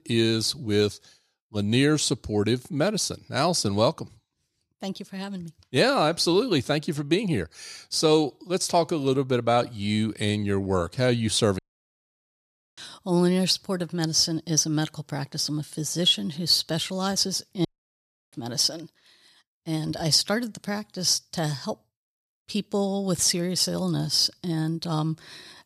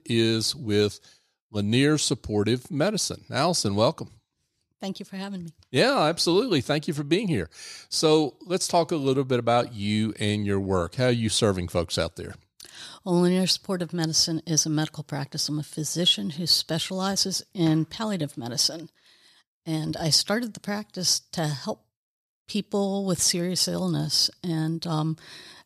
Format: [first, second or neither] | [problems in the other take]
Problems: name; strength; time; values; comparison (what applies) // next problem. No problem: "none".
second | audio cutting out; at 12 s for 1 s and at 18 s for 0.5 s